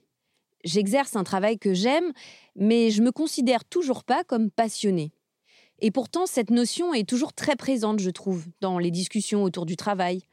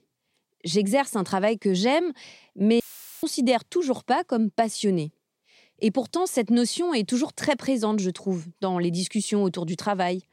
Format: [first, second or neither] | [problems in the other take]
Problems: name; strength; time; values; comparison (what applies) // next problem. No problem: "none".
first | audio cutting out; filled with static; at 3 s